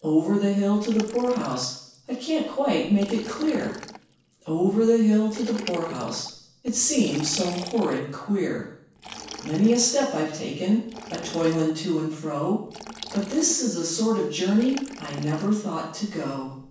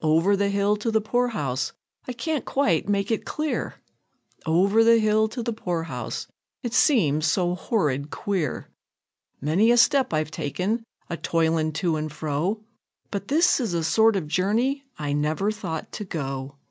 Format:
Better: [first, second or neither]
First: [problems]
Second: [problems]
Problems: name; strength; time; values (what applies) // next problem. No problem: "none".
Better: second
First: background sound (Liquid); 17 dB below the speech // room echo; dies away in 0.7 s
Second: none